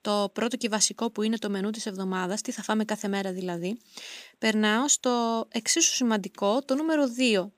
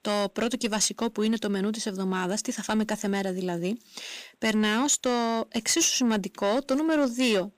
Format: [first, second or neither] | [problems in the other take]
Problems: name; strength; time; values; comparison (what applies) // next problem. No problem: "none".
first | distortion; slight; 10 dB below the speech